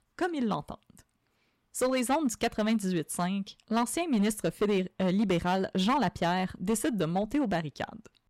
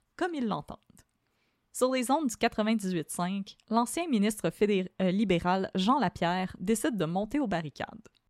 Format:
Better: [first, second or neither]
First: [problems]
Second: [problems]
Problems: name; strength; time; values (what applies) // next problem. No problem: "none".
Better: second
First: distortion; slight; 6% of the sound clipped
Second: none